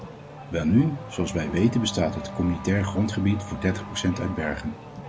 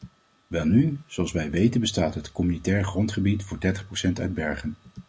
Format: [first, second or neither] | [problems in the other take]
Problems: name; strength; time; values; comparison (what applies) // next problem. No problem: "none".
second | background sound (Race car, auto racing / Accelerating, revving, vroom); 11 dB below the speech